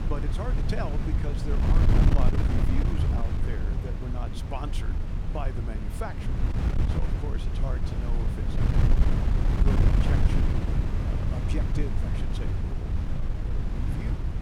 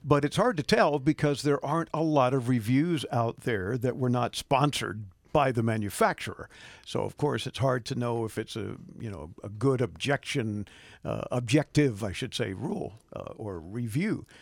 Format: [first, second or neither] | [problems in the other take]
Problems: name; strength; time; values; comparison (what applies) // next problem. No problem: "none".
second | wind noise on the microphone; heavy; 2 dB above the speech